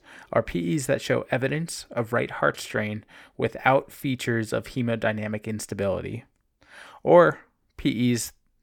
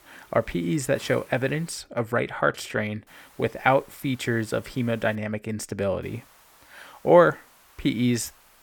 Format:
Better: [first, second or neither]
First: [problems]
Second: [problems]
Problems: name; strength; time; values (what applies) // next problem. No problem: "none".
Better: first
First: none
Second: hiss; faint; until 2 s, from 3 to 5 s and from 6 s on; 25 dB below the speech